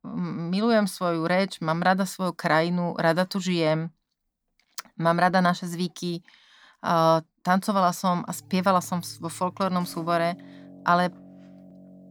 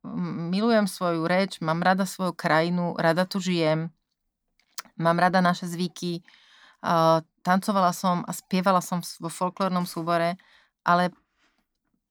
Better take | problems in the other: second | background music; faint; from 8.5 s on; 25 dB below the speech

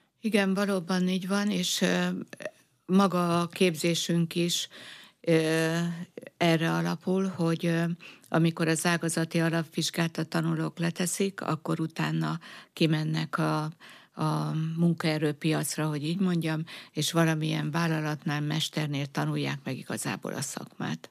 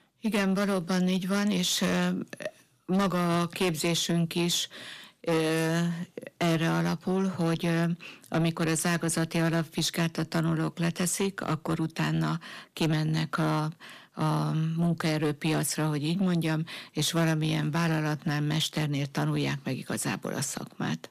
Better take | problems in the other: first | distortion; slight; 10 dB below the speech

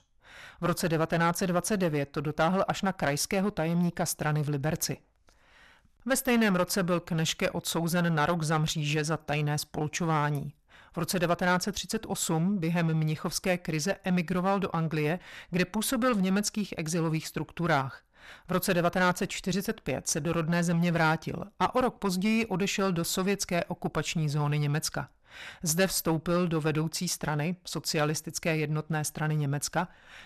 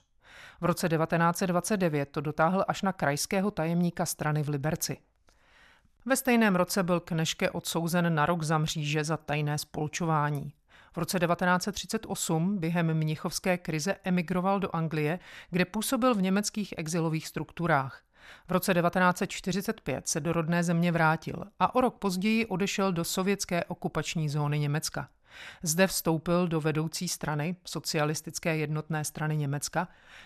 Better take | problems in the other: second | distortion; slight; 6% of the sound clipped

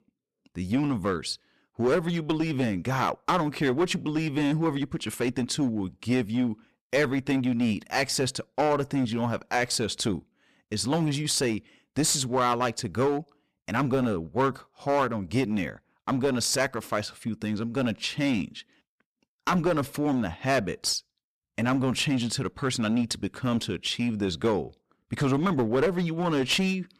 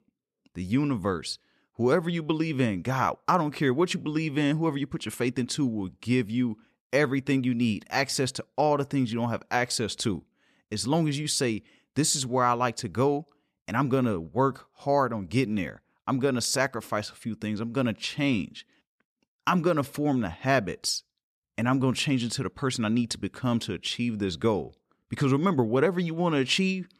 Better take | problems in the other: second | distortion; slight; 6% of the sound clipped

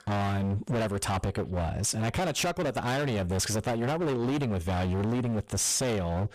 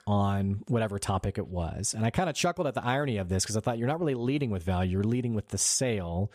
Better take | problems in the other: second | distortion; heavy; 36% of the sound clipped

